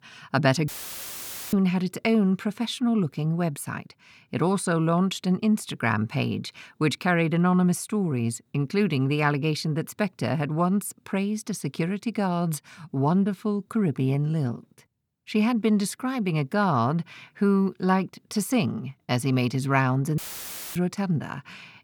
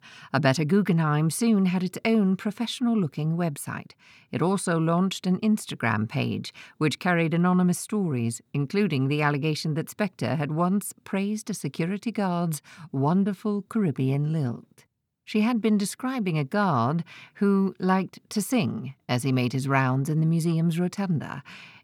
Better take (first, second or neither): second